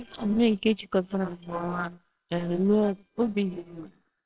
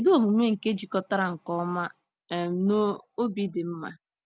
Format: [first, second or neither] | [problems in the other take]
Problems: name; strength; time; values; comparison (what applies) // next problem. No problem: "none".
second | noise reduction (neural separator model SepFormer WHAMR!)